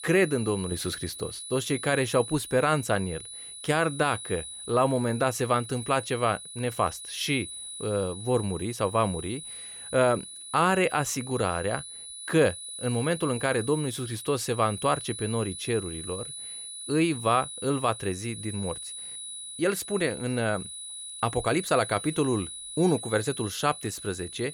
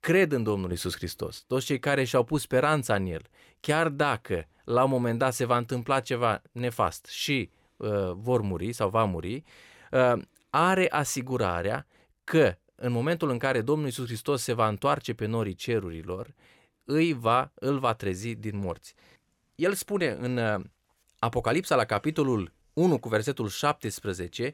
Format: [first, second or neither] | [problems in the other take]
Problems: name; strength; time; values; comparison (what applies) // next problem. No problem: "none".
second | high-pitched whine; loud; throughout; 10 kHz, 9 dB below the speech